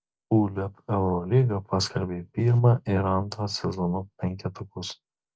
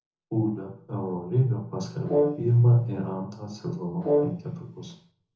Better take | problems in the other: first | background sound (Brass instrument); 1 dB below the speech // room echo; dies away in 0.6 s

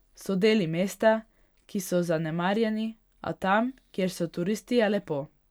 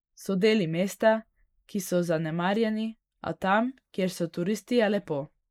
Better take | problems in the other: first | noise reduction (neural mask model Resemble Enhance denoiser)

